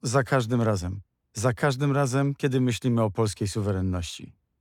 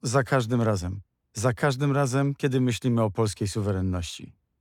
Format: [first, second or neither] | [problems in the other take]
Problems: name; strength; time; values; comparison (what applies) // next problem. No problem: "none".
neither | none